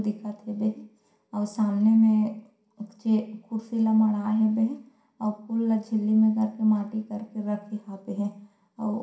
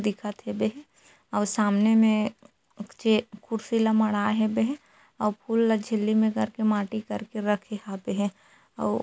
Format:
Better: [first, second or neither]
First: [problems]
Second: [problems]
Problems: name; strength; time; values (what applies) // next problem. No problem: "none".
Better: second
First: room echo; dies away in 0.5 s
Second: none